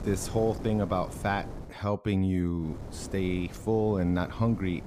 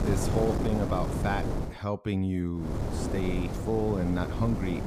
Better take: first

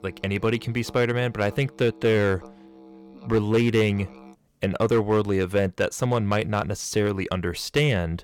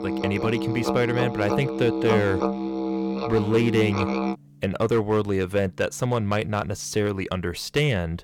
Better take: first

